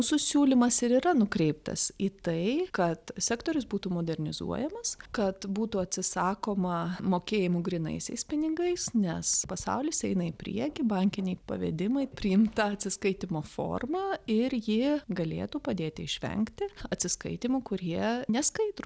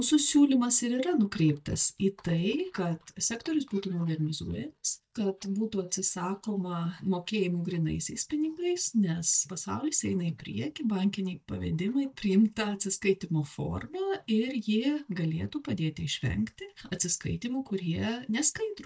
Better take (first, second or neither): first